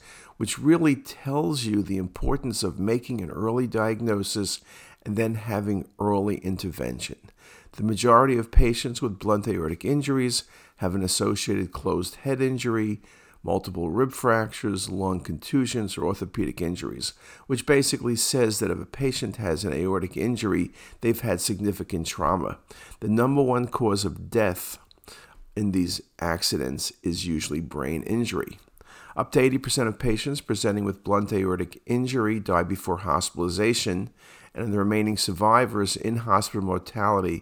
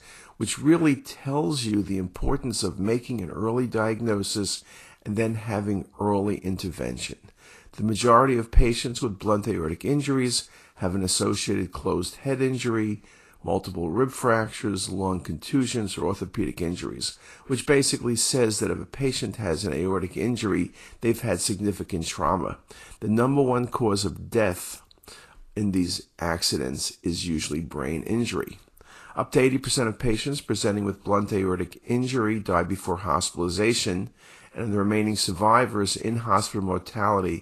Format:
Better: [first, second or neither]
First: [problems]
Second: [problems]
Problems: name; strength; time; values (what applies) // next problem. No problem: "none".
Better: first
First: none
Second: garbled, watery; slightly; nothing above 12.5 kHz